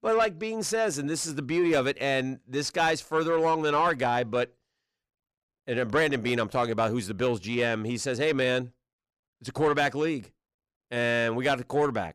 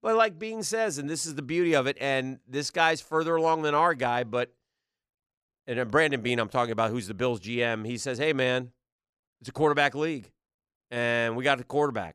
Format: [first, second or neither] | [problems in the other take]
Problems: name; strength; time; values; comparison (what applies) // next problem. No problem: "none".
second | distortion; slight; 10 dB below the speech